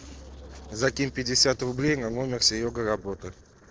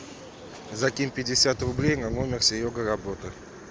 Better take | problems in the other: second | noise reduction (neural separator model SepFormer DNS4)

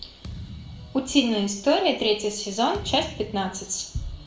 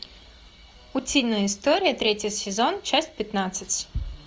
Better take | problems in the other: second | background sound (Thump, thud); 15 dB below the speech // room echo; dies away in 0.5 s

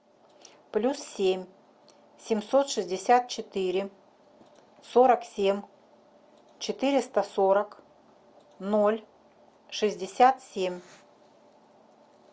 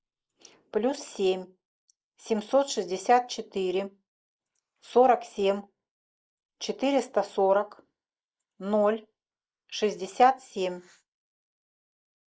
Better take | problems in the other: first | noise reduction (neural mask model Resemble Enhance denoiser)

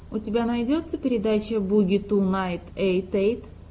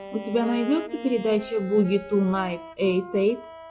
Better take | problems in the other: first | noise reduction (classical method log-MMSE)

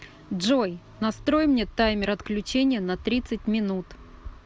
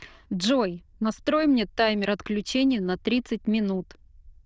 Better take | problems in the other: first | noise reduction (neural diffusion model UNIVERSE++)

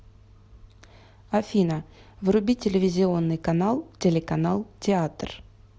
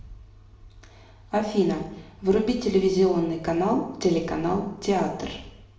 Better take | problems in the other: first | room echo; dies away in 0.7 s

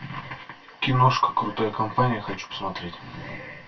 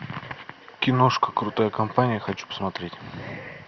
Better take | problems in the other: second | room echo; dies away in 0.2 s

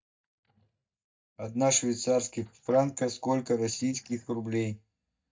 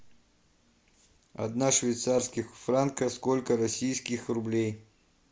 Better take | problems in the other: second | noise reduction (neural mask model DeepFilterNet 3)

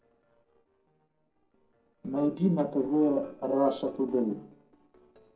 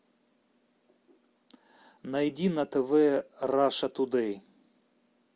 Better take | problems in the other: second | noise reduction (neural separator model SepFormer DNS4)

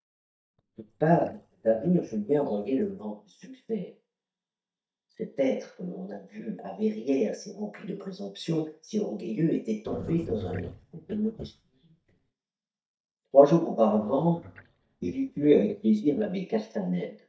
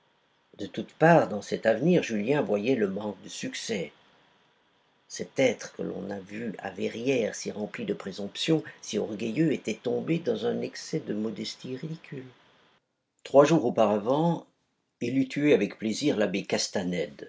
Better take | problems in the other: second | noise reduction (neural mask model DeepFilterNet 3)

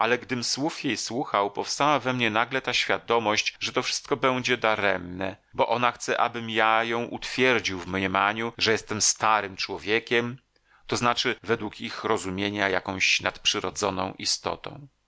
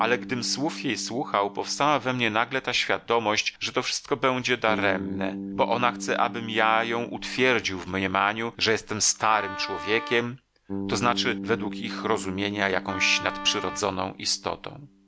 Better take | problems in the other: first | background sound (Bass guitar + Wind instrument, woodwind instrument); 11 dB below the speech

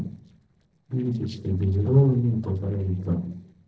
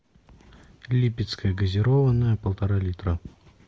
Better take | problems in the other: second | noise reduction (neural separator model SepFormer DNS4)

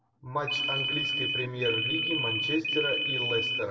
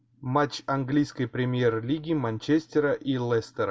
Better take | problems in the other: second | background sound (Ringtone); 3 dB above the speech // room echo; dies away in 1.6 s

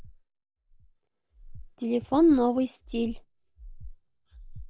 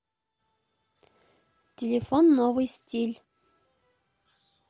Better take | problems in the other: second | noise reduction (neural mask model DeepFilterNet 3)

